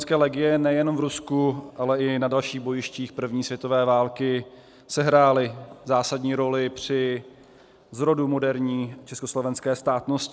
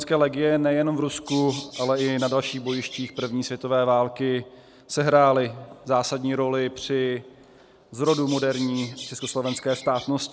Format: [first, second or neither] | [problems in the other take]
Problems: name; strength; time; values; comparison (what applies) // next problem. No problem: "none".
first | background sound (Bird vocalization, bird call, bird song); 14 dB below the speech